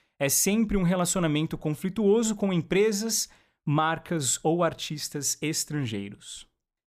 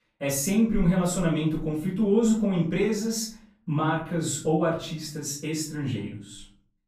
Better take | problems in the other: first | off-mic speech; far // room echo; noticeable; dies away in 0.5 s

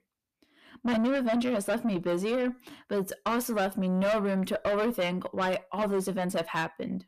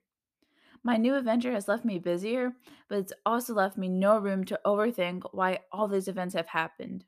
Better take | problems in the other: second | distortion; heavy; 7 dB below the speech

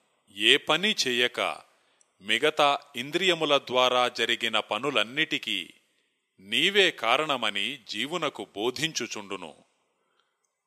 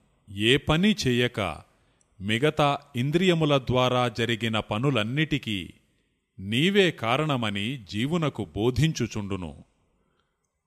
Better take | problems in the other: second | thin; somewhat; fading below 450 Hz

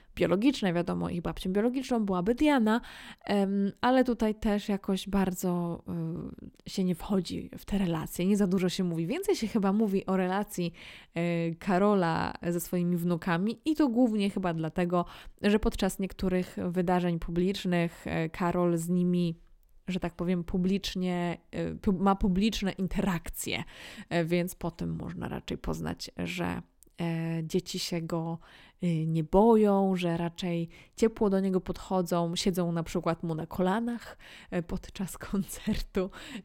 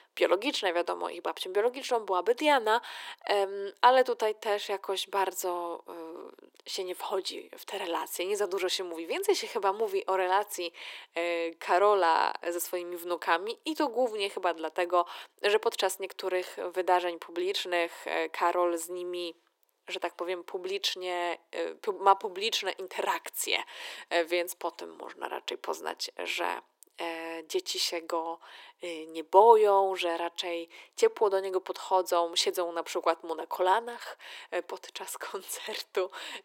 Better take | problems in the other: first | thin; very; fading below 400 Hz

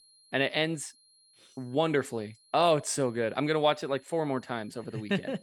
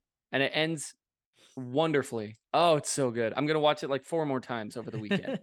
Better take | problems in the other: second | high-pitched whine; faint; throughout; 4 kHz, 30 dB below the speech

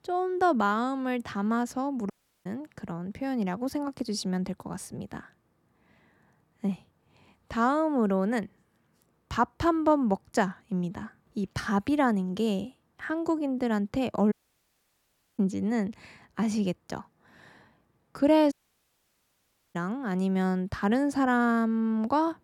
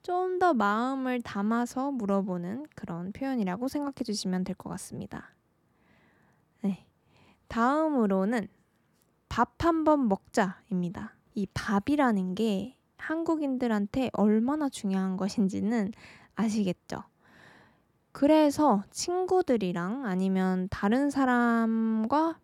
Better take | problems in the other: second | audio cutting out; at 2 s, at 14 s for 1 s and at 19 s for 1 s

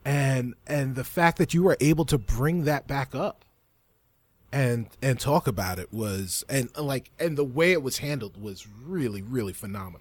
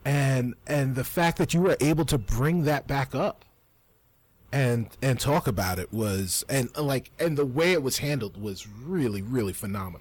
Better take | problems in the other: first | distortion; slight; 10 dB below the speech

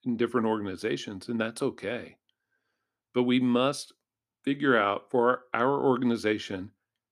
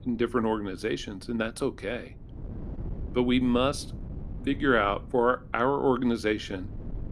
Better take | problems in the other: first | wind noise on the microphone; occasional gusts; 25 dB below the speech

